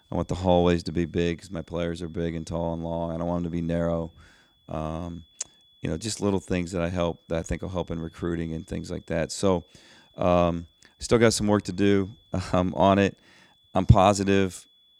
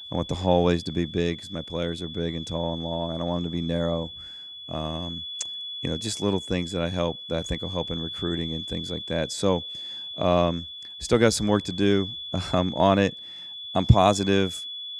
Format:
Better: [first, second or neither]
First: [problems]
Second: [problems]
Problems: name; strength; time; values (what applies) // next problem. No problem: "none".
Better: first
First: high-pitched whine; faint; throughout; 3.5 kHz, 35 dB below the speech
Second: high-pitched whine; loud; throughout; 3.5 kHz, 9 dB below the speech